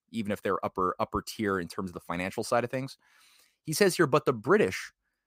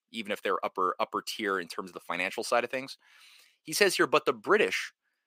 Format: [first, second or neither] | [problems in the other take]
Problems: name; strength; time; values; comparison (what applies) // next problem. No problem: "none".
first | thin; somewhat; fading below 300 Hz